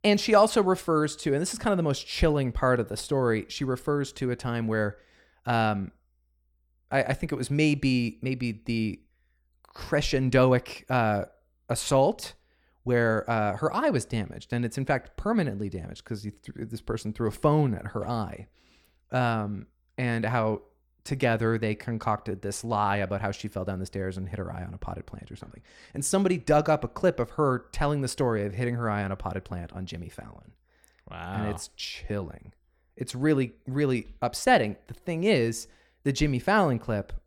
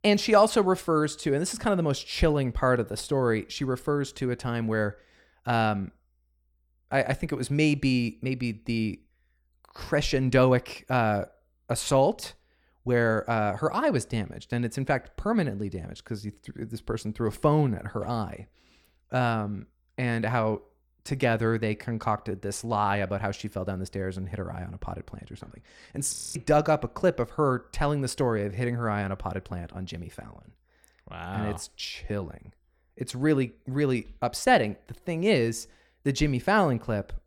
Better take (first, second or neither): first